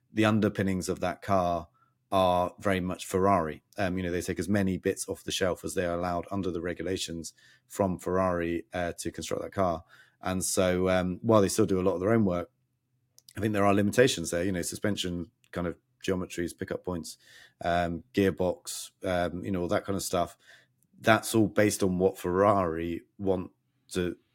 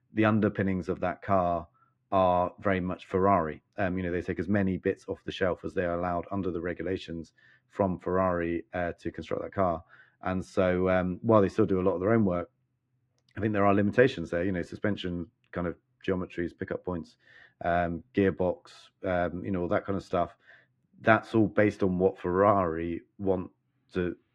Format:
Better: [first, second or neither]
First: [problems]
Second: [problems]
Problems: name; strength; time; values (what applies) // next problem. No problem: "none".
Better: first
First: none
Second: muffled; very; fading above 2 kHz